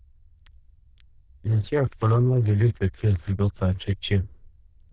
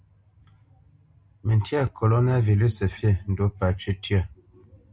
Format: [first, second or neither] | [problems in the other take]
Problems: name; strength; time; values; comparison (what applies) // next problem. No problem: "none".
second | noise reduction (neural diffusion model UNIVERSE++)